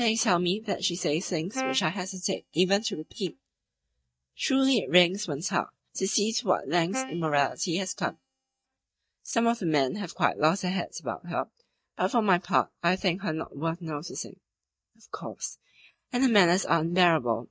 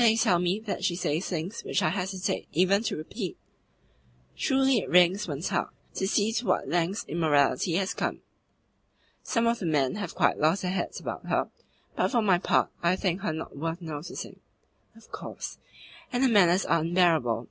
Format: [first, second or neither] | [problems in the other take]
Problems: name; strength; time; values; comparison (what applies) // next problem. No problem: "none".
second | noise reduction (neural mask model DeepFilterNet 3)